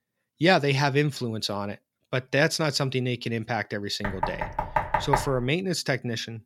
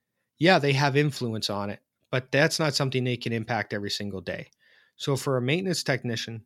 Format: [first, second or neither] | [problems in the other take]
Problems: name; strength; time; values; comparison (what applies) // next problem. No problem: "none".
second | door banging; loud; from 4 to 5.5 s; peak level with the speech